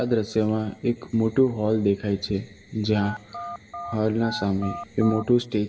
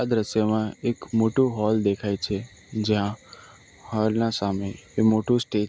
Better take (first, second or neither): second